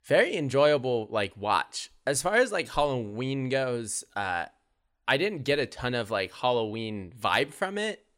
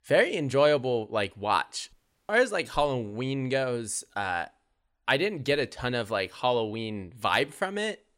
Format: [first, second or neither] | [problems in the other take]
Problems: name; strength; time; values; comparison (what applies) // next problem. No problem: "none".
first | audio cutting out; at 2 s